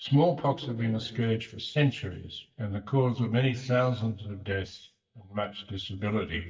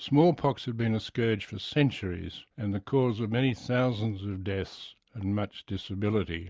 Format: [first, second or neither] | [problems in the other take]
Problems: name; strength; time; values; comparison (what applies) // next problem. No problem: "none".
second | noise reduction (neural mask model DeepFilterNet 3)